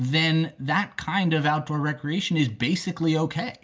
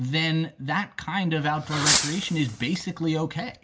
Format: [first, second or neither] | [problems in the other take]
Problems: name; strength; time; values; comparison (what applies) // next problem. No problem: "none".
first | background sound (Fireworks); 2 dB below the speech